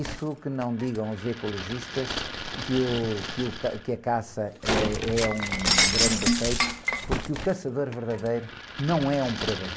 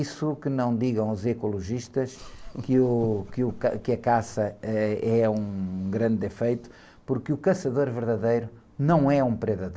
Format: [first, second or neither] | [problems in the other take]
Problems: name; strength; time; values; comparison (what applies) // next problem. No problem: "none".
second | background sound (Shatter); 1 dB below the speech